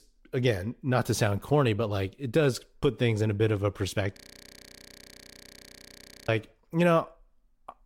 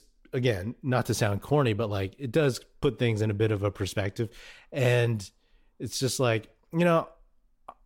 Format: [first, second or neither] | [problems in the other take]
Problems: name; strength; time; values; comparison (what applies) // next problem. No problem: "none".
second | audio freezing; at 4 s for 2 s